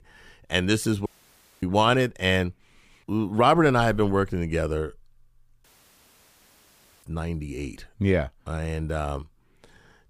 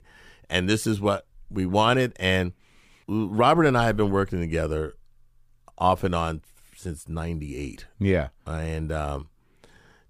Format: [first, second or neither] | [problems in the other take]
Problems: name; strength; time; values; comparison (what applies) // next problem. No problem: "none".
second | audio cutting out; at 1 s for 0.5 s and at 5.5 s for 1.5 s